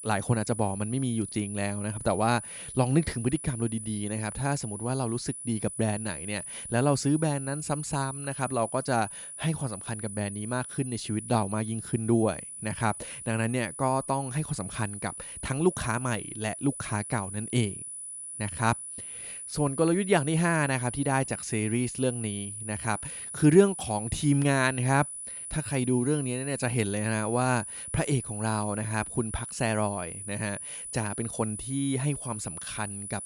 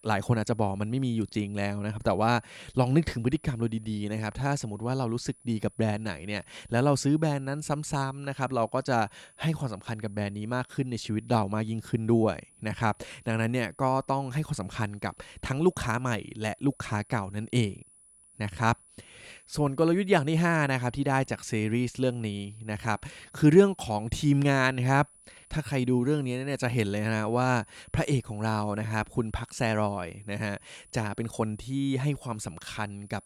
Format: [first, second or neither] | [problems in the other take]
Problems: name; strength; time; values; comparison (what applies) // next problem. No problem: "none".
second | high-pitched whine; loud; throughout; 10 kHz, 8 dB below the speech; faint in the second